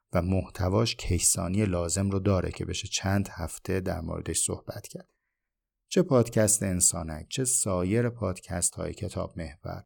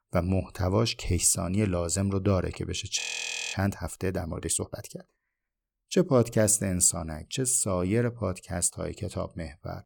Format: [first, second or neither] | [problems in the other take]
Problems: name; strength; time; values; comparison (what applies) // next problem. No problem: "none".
first | audio freezing; at 3 s for 0.5 s